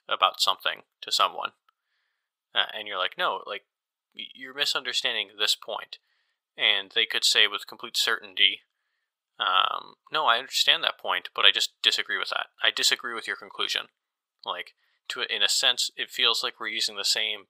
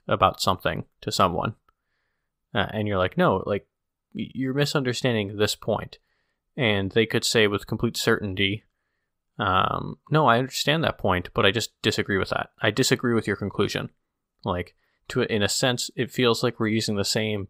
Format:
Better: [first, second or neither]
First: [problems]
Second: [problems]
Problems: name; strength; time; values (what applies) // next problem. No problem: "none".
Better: second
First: thin; very; fading below 900 Hz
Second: none